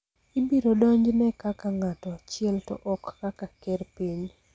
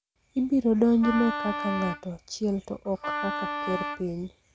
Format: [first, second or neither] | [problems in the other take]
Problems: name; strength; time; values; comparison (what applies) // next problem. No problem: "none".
first | background sound (Wind instrument, woodwind instrument); 5 dB below the speech